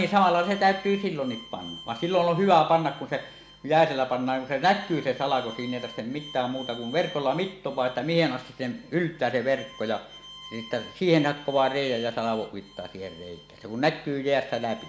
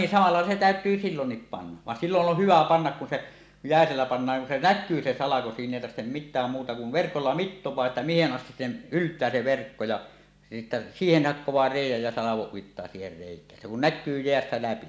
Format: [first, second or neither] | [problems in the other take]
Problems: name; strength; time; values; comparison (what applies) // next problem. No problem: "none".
second | background sound (Bowed string instrument); 20 dB below the speech